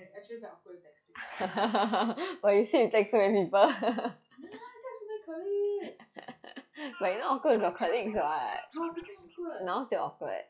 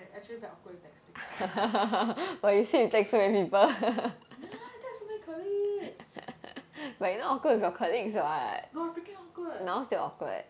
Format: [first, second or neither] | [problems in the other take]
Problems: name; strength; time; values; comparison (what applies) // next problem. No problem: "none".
second | noise reduction (classical method log-MMSE)